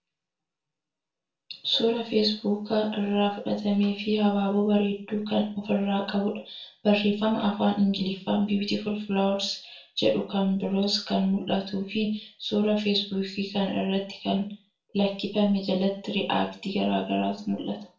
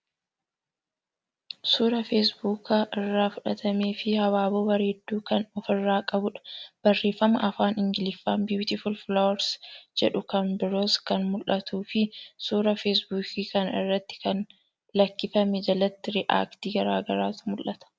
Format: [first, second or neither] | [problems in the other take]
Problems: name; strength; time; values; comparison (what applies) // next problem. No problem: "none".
second | room echo; dies away in 0.3 s